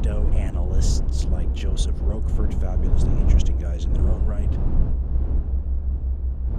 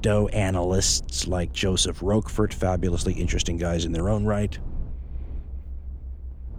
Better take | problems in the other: second | low rumble; loud; throughout; as loud as the speech; faint in the second

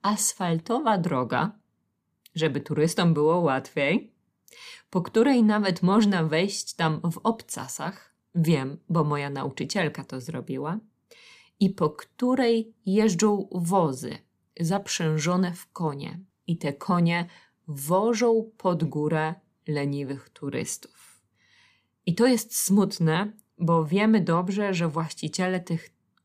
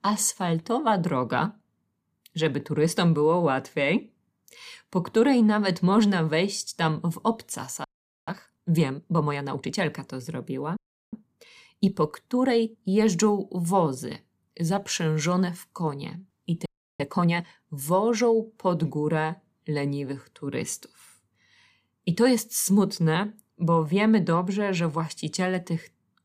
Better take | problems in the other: first | audio freezing; at 8 s, at 11 s and at 17 s

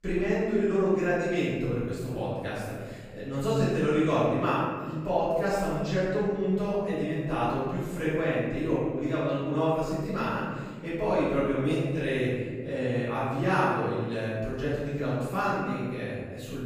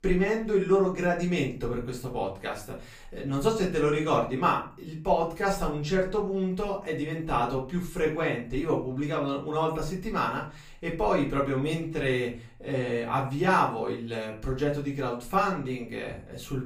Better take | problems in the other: second | room echo; strong; dies away in 1.7 s; slight in the second // off-mic speech; far; far in the second

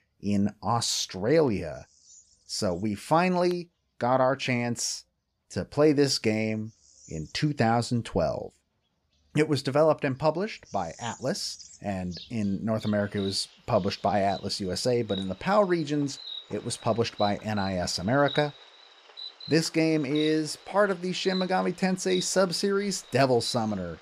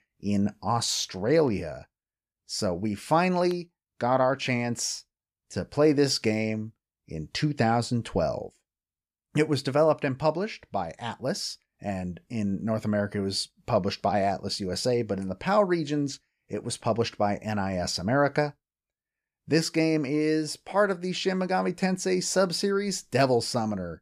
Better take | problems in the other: second | animal sounds; noticeable; throughout; 15 dB below the speech

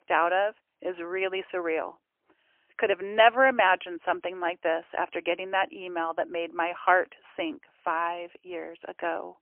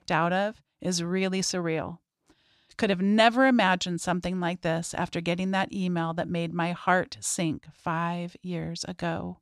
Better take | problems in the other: second | phone-call audio; poor line; nothing above 3 kHz

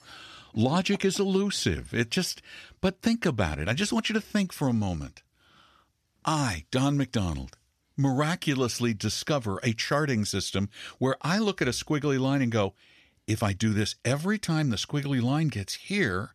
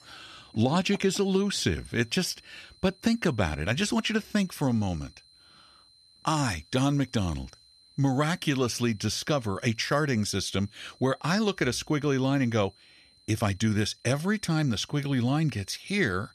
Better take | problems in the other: first | high-pitched whine; faint; throughout; 4 kHz, 30 dB below the speech

